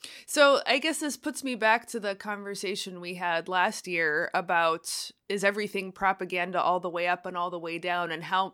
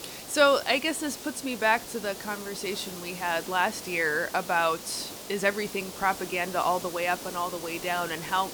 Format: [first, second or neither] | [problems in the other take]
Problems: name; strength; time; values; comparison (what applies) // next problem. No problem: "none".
first | hiss; noticeable; throughout; 10 dB below the speech